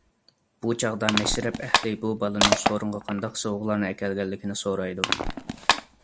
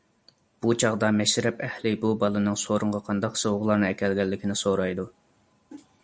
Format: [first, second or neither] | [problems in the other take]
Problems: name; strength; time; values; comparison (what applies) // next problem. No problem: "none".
second | background sound (Crushing); as loud as the speech